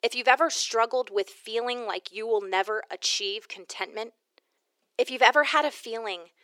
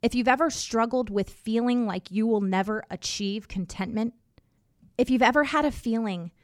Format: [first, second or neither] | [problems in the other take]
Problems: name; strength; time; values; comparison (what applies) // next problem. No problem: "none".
second | thin; very; fading below 350 Hz